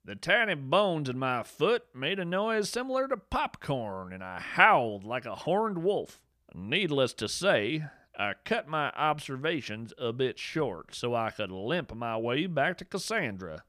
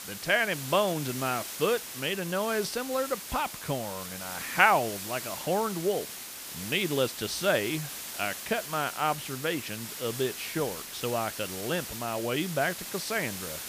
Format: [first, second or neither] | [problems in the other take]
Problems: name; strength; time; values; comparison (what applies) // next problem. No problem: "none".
first | hiss; loud; throughout; 7 dB below the speech